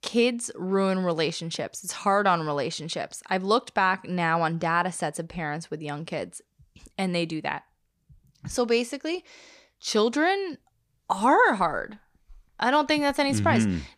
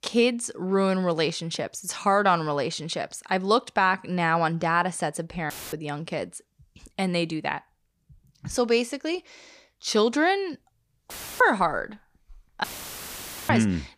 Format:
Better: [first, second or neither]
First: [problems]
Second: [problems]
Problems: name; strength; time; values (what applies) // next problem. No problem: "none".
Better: first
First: none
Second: audio cutting out; filled with static; at 5.5 s, at 11 s and at 13 s for 1 s